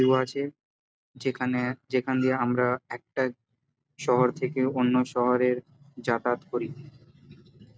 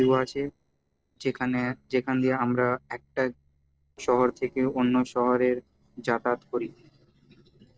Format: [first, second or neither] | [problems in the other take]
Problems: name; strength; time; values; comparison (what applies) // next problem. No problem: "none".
first | noise reduction (neural separator model SepFormer DNS4)